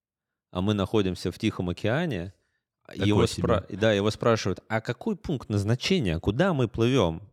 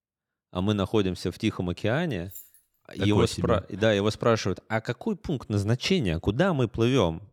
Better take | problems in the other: first | jangling keys; faint; at 2.5 s; peak 15 dB below the speech

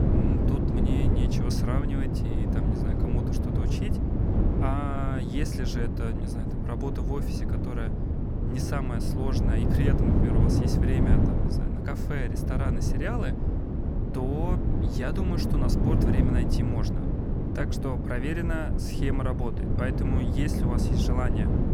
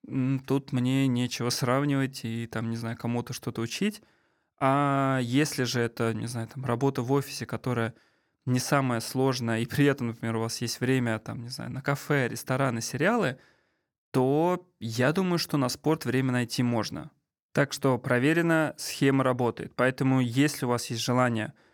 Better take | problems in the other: second | wind noise on the microphone; heavy; 1 dB above the speech

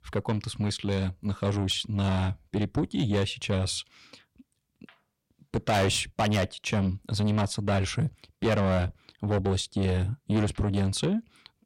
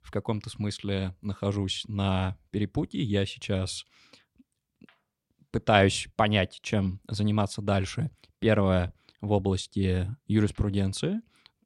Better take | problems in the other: second | distortion; heavy; 7 dB below the speech

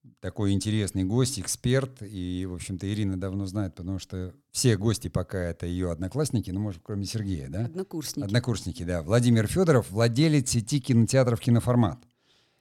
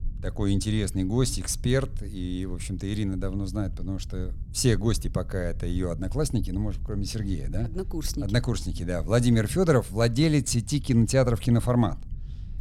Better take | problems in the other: first | low rumble; faint; throughout; 25 dB below the speech

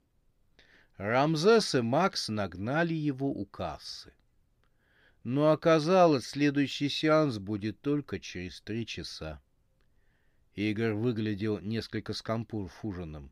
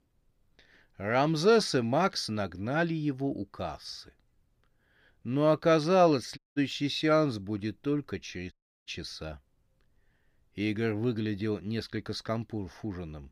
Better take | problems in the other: first | audio cutting out; at 6.5 s and at 8.5 s

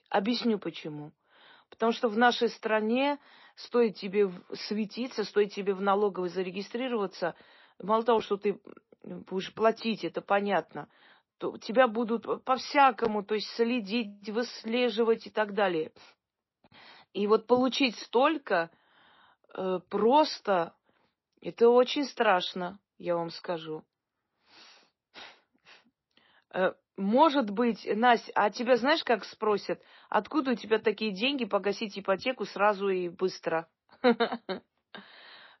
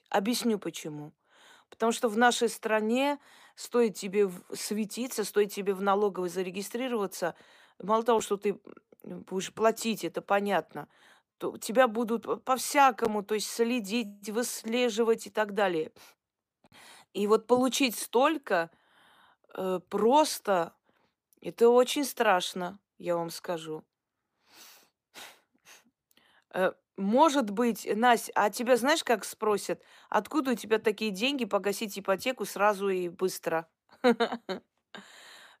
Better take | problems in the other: second | garbled, watery; slightly; nothing above 5.5 kHz

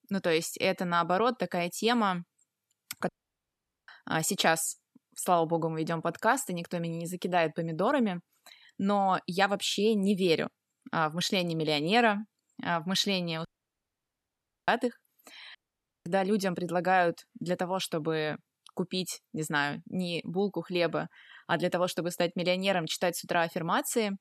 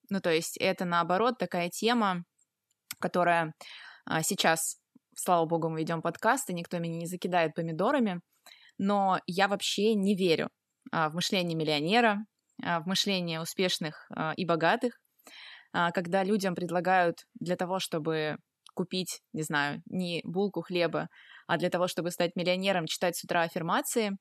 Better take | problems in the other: second | audio cutting out; at 3 s for 1 s, at 13 s for 1 s and at 16 s for 0.5 s

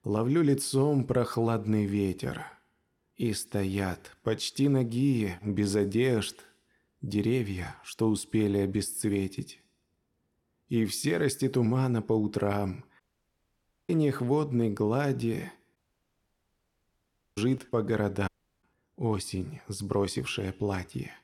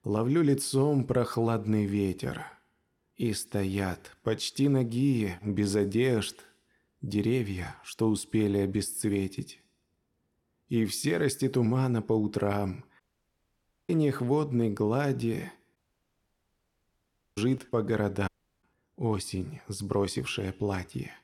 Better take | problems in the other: neither | audio cutting out; at 13 s for 1 s, at 16 s for 1.5 s and at 18 s; the same in both

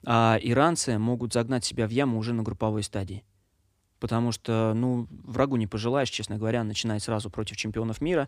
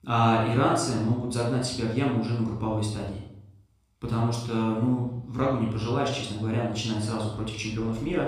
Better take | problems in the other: first | room echo; noticeable; dies away in 0.6 s // off-mic speech; far

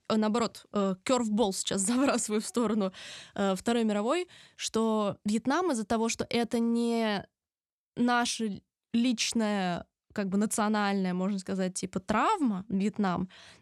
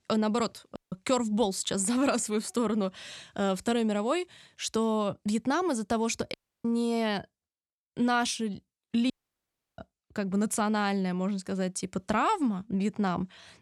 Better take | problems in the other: first | audio cutting out; at 1 s, at 6.5 s and at 9 s for 0.5 s

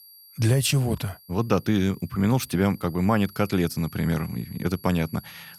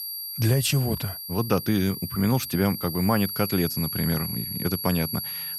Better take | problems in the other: first | high-pitched whine; loud; throughout; 11.5 kHz, 5 dB below the speech; faint in the first

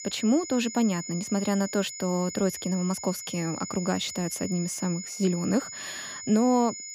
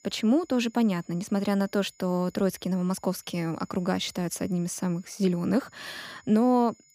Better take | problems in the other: second | high-pitched whine; loud; throughout; 7 kHz, 9 dB below the speech; faint in the second

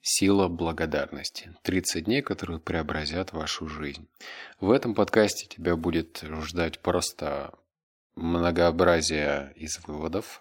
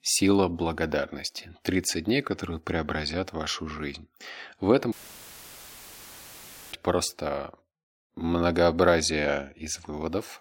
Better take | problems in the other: first | audio cutting out; filled with static; at 5 s for 2 s

